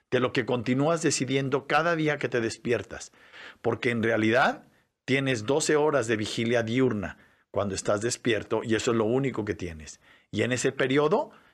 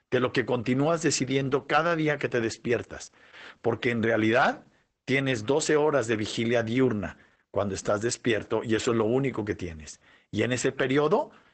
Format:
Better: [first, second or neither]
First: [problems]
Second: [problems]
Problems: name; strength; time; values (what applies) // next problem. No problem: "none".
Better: first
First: none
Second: garbled, watery; badly; nothing above 8 kHz